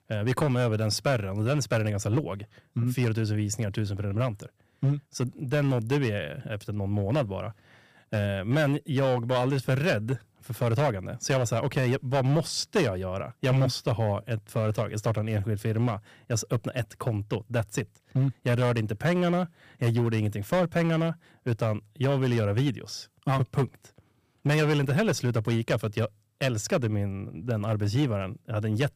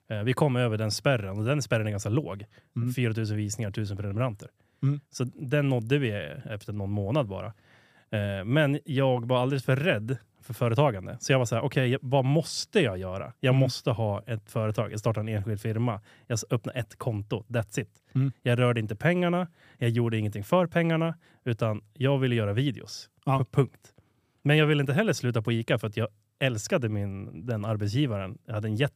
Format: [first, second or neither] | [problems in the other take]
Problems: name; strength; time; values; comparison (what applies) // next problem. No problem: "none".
second | distortion; slight; 6% of the sound clipped